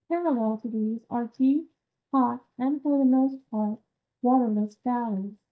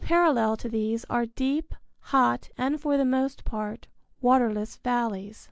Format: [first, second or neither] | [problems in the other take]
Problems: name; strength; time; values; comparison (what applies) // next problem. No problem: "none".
second | noise reduction (neural mask model DeepFilterNet 3)